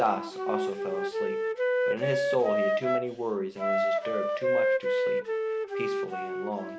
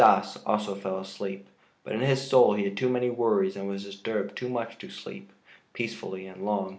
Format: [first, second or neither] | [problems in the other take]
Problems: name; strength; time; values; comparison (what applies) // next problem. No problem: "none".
second | background sound (Wind instrument, woodwind instrument); 5 dB above the speech